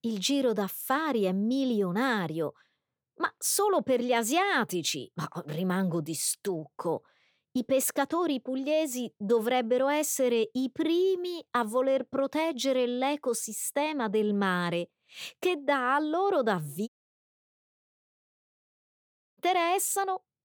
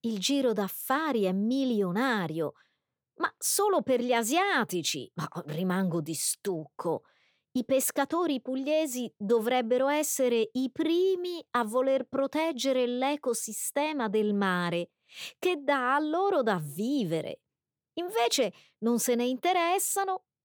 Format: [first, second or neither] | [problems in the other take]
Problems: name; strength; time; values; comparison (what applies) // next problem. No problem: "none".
second | audio cutting out; at 17 s for 2.5 s